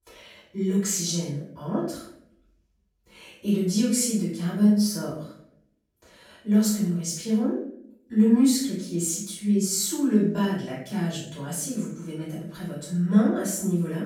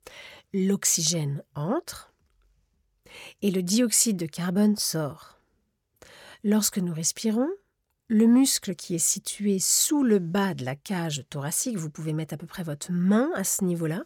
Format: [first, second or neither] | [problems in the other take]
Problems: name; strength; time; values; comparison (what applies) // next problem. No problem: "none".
second | off-mic speech; far // room echo; noticeable; dies away in 0.5 s